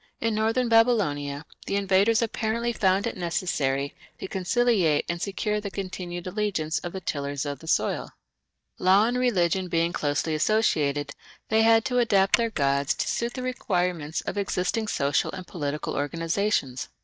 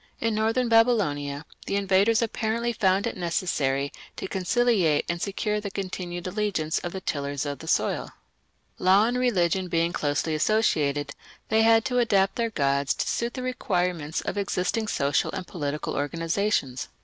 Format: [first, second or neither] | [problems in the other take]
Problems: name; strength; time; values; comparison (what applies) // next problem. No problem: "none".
second | noise reduction (neural mask model DeepFilterNet 3)